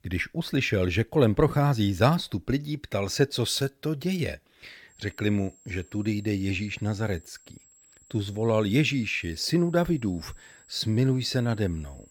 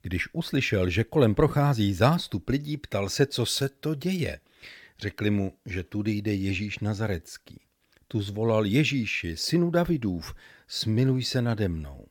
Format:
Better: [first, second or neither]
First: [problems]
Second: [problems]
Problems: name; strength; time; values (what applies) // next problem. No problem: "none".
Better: second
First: high-pitched whine; faint; from 5 s on; 7.5 kHz, 30 dB below the speech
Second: none